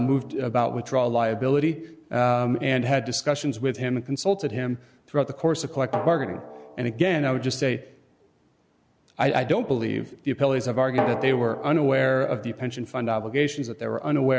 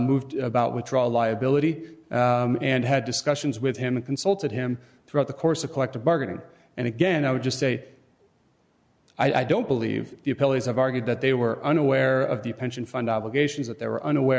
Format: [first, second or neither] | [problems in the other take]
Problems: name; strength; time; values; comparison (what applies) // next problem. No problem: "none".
second | background sound (Drum); 14 dB below the speech